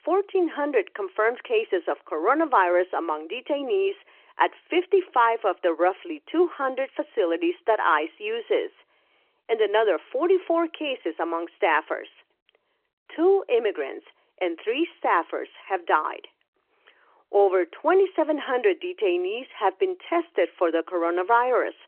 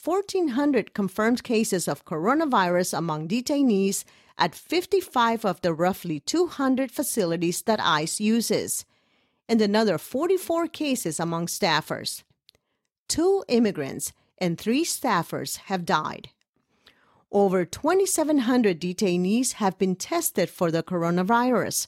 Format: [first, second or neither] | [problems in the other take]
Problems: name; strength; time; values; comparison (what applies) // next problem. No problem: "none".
second | phone-call audio